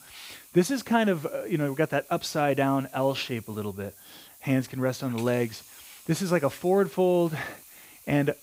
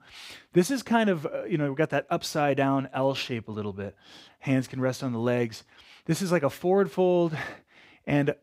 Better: second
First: hiss; faint; throughout; 20 dB below the speech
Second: none

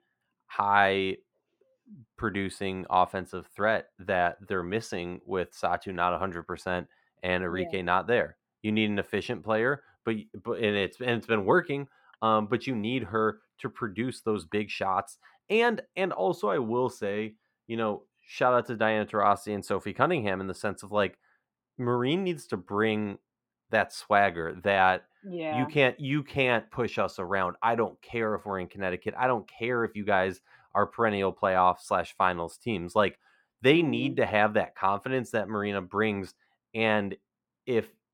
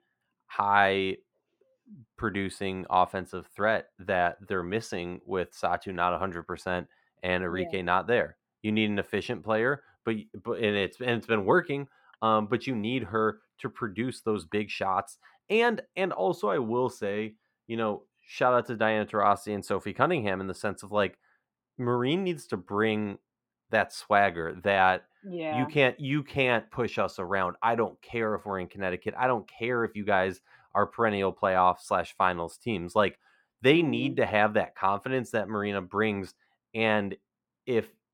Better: neither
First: muffled; slightly; fading above 3 kHz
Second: muffled; slightly; fading above 3 kHz

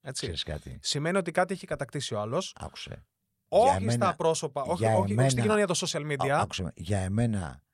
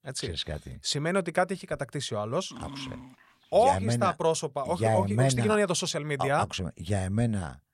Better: first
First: none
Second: dog barking; faint; at 2.5 s; peak 15 dB below the speech

